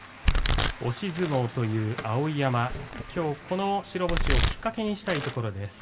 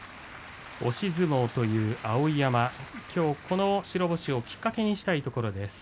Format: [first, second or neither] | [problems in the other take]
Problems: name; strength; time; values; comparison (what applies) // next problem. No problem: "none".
second | background sound (Domestic sounds, home sounds); 1 dB below the speech // room echo; dies away in 0.6 s